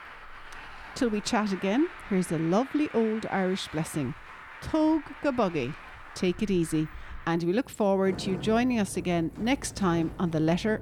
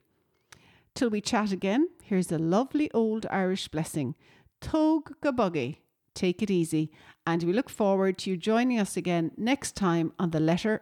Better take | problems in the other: second | traffic noise; noticeable; throughout; 15 dB below the speech

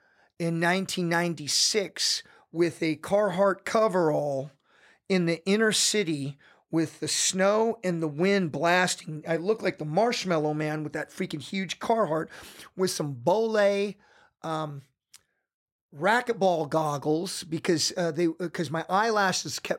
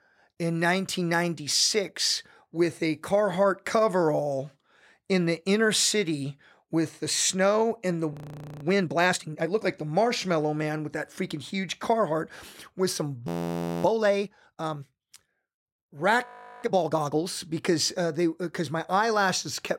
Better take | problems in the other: first | audio freezing; at 8 s, at 13 s for 0.5 s and at 16 s

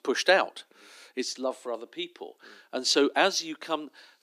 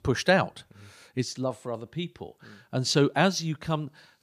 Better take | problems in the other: second | thin; somewhat; fading below 250 Hz

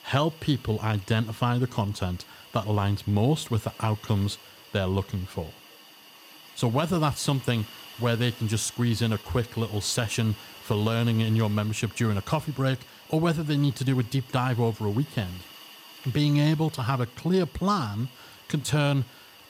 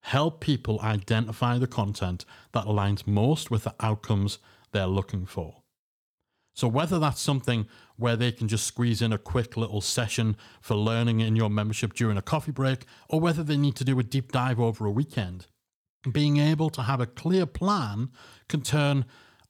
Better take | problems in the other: second | hiss; noticeable; throughout; 20 dB below the speech

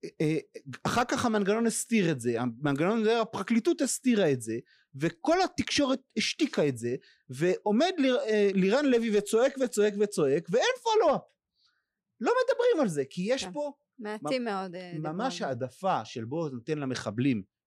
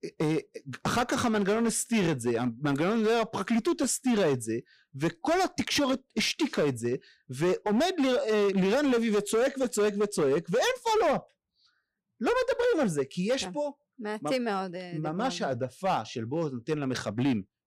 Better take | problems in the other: first | distortion; slight; 12% of the sound clipped

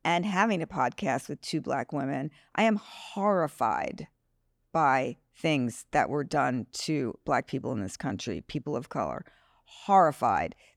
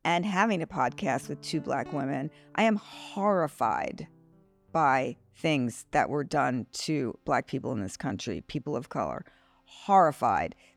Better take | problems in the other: first | background music; faint; throughout; 25 dB below the speech

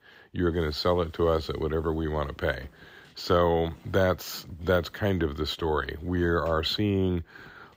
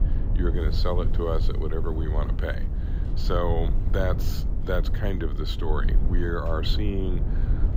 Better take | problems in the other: first | low rumble; noticeable; throughout; 10 dB below the speech

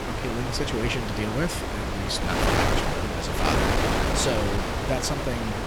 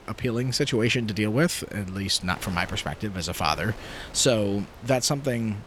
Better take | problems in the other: second | wind noise on the microphone; heavy; 4 dB above the speech; occasional gusts in the second

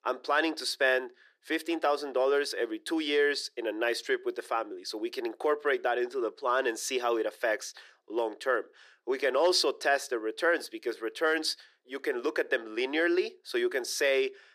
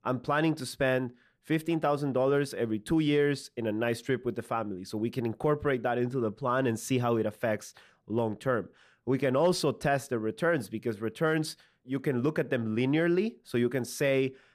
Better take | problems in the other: second | thin; very; fading below 350 Hz

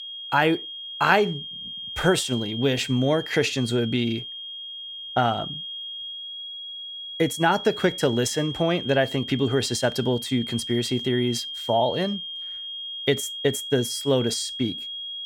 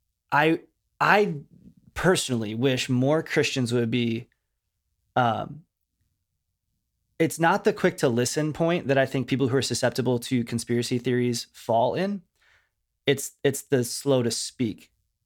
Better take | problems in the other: second | high-pitched whine; loud; throughout; 3 kHz, 8 dB below the speech

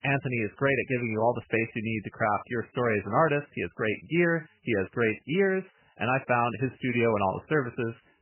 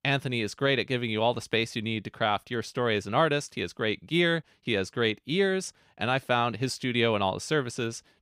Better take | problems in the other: second | garbled, watery; badly; nothing above 2.5 kHz

